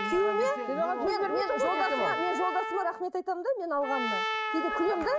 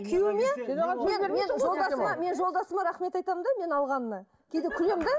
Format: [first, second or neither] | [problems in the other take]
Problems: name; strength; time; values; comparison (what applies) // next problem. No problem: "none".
second | background sound (Trumpet); 4 dB below the speech